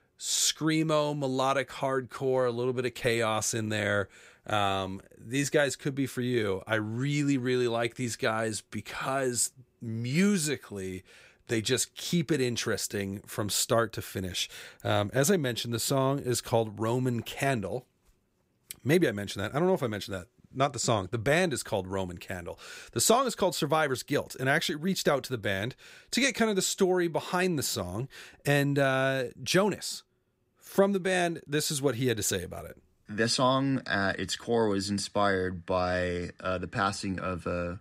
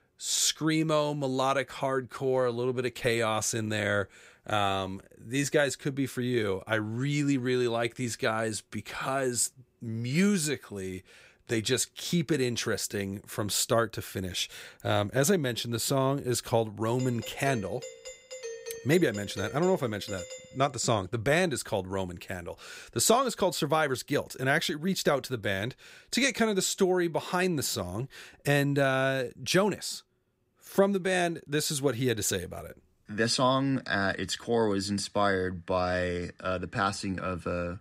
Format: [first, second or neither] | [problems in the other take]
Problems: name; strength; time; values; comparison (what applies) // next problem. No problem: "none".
first | doorbell; faint; from 17 to 21 s; peak 10 dB below the speech